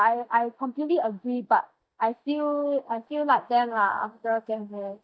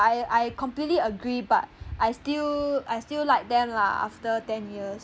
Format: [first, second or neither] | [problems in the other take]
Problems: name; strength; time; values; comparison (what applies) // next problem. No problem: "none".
second | noise reduction (neural mask model DeepFilterNet 3)